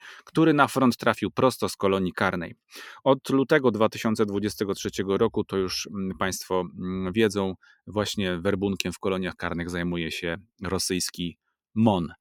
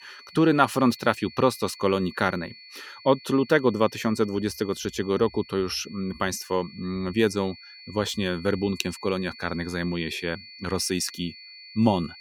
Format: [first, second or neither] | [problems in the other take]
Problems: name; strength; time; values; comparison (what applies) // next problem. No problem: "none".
first | high-pitched whine; noticeable; throughout; 4.5 kHz, 20 dB below the speech